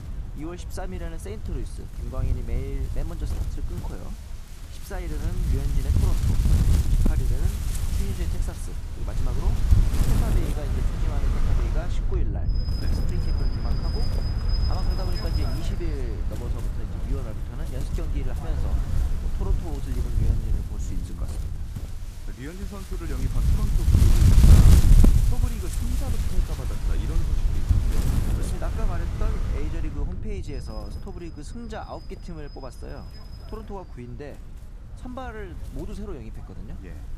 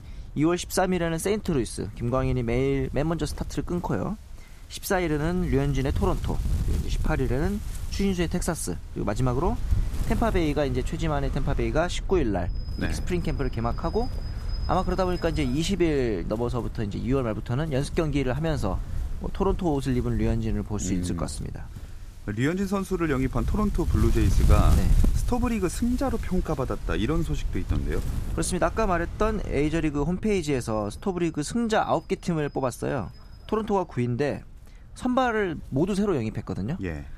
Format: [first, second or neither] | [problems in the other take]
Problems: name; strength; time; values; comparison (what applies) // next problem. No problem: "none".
second | wind noise on the microphone; heavy; 3 dB above the speech; occasional gusts in the second